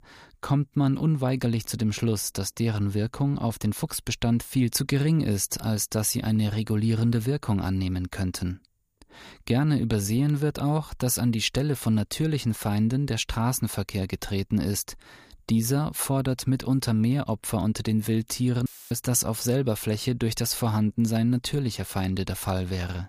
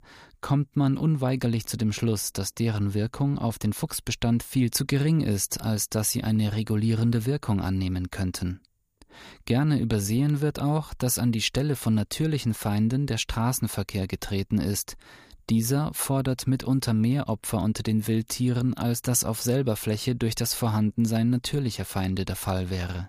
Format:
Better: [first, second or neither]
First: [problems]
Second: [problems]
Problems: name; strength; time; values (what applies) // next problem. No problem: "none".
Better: second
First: audio cutting out; filled with static; at 19 s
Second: none